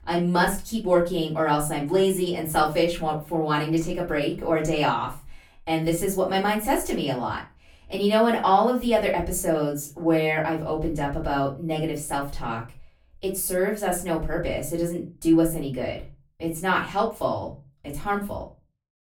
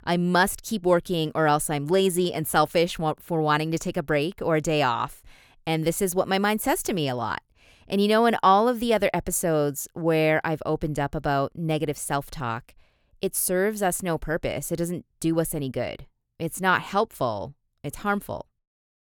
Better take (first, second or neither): second